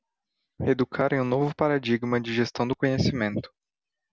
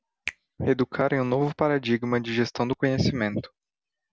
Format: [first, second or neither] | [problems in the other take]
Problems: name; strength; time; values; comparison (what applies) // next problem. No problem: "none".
first | background sound (Finger snapping); 19 dB below the speech